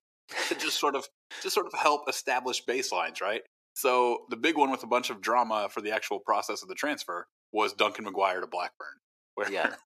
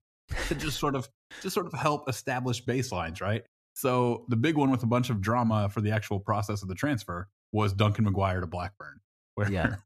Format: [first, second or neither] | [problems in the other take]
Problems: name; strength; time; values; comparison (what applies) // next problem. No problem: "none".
second | thin; very; fading below 350 Hz